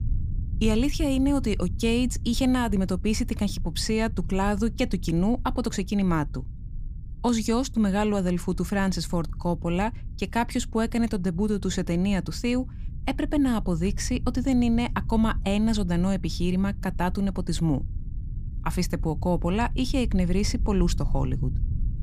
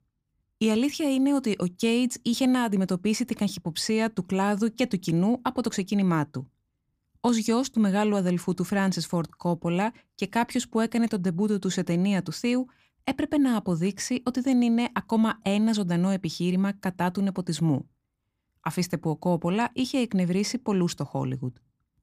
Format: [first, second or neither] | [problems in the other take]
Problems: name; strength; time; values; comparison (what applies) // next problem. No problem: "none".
second | low rumble; faint; throughout; 20 dB below the speech